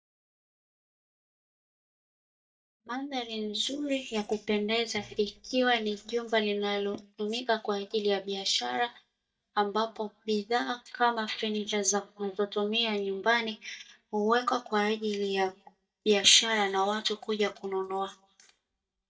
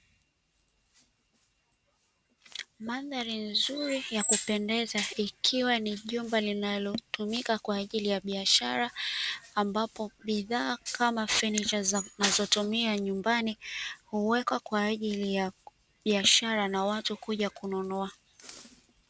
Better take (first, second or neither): second